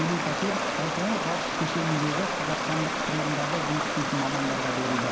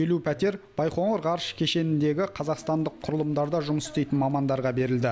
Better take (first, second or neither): second